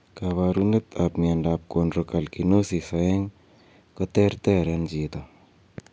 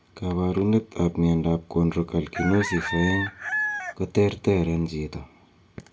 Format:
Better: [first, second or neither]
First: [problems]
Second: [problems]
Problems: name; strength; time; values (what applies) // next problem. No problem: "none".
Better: first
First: none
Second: background sound (Chicken, rooster); 7 dB below the speech // room echo; dies away in 0.2 s